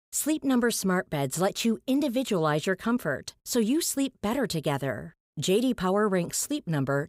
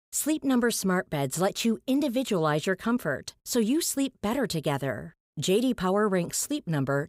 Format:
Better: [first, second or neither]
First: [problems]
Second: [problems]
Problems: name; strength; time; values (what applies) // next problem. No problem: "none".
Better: neither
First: none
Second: none